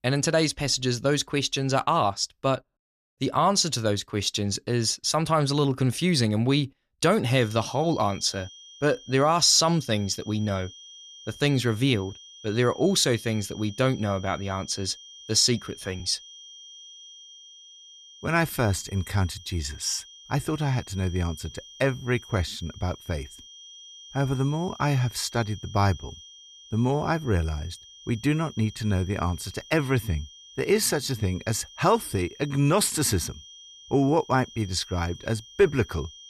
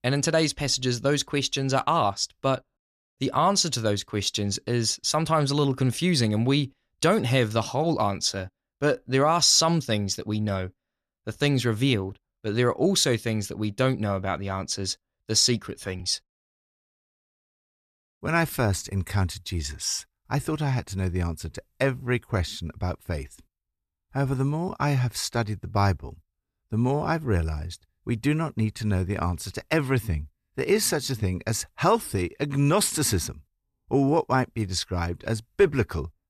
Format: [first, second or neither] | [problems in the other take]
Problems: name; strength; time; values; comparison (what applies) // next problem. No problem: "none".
second | high-pitched whine; noticeable; from 7.5 s on; 3 kHz, 20 dB below the speech